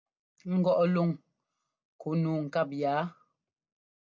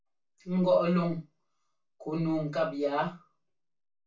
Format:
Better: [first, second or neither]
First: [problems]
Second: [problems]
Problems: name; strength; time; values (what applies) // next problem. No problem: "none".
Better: first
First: none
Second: room echo; dies away in 0.2 s